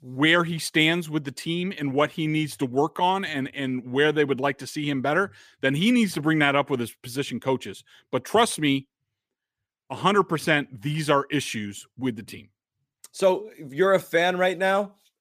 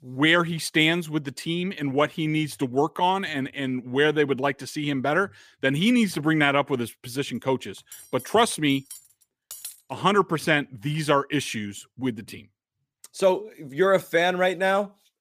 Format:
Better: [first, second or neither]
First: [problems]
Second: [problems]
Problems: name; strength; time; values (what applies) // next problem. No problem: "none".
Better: first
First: none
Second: clattering dishes; faint; from 8 to 10 s; peak 15 dB below the speech